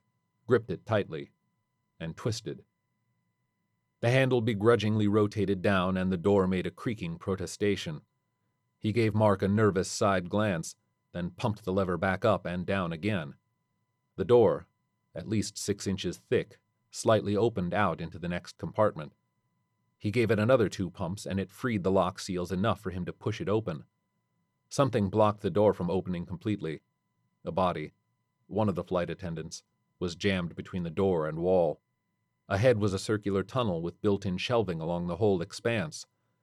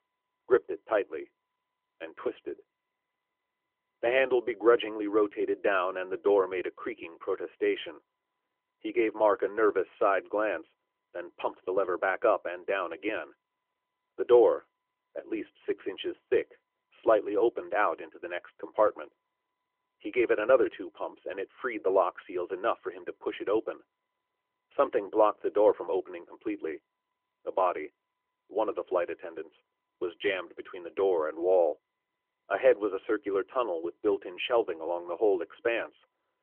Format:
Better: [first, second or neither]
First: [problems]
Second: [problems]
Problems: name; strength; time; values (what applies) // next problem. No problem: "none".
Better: first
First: none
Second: phone-call audio; nothing above 3 kHz